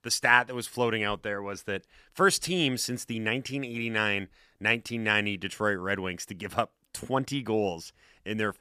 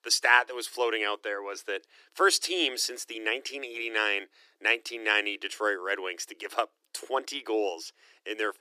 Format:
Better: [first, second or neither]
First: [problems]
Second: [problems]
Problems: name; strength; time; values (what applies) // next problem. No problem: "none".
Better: first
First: none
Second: thin; very; fading below 300 Hz